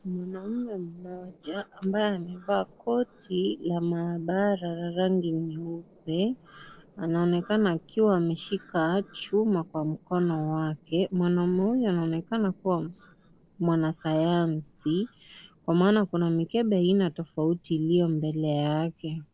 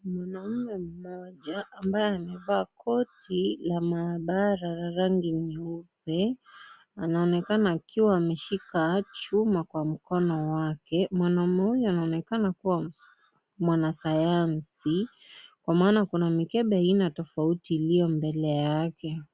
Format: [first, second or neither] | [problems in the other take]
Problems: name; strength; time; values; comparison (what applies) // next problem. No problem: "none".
second | noise reduction (neural separator model SepFormer DNS4)